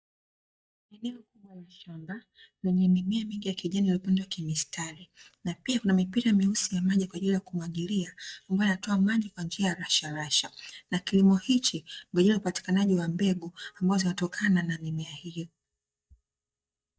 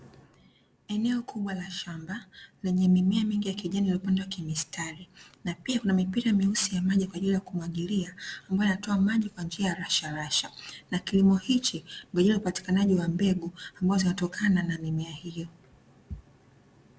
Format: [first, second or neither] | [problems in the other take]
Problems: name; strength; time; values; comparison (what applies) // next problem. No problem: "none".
second | noise reduction (neural mask model DeepFilterNet 3)